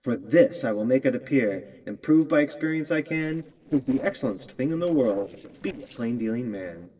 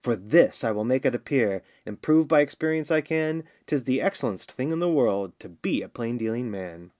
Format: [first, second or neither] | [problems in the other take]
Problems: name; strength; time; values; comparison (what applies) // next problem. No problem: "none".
second | noise reduction (neural separator model SepFormer DNS4)